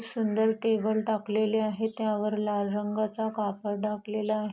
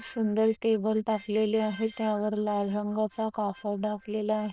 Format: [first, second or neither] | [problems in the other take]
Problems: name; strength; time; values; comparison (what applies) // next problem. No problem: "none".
first | noise reduction (neural diffusion model UNIVERSE++)